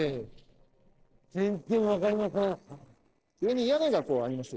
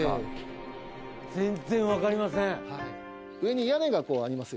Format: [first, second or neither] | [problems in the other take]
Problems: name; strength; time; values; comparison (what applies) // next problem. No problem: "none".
second | noise reduction (neural separator model SepFormer DNS4)